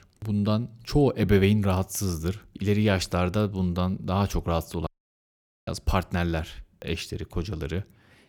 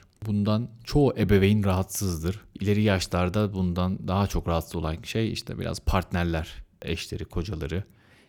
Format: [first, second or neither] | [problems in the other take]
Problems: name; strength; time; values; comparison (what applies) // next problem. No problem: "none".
second | audio cutting out; at 5 s for 1 s